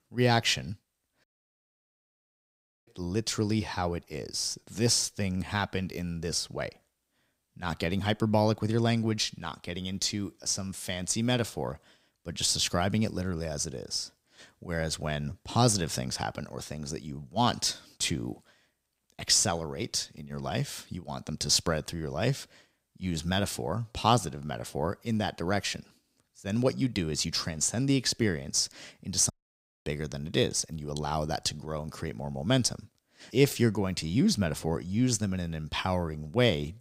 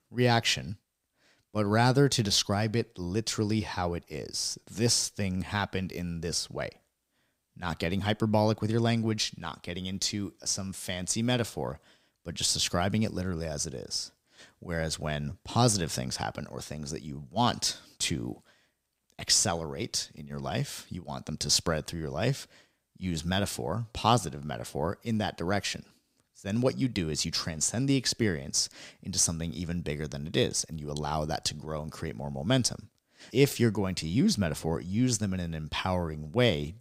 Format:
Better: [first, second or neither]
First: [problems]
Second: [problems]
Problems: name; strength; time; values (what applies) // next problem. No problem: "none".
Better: second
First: audio cutting out; at 1 s for 1.5 s and at 29 s for 0.5 s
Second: none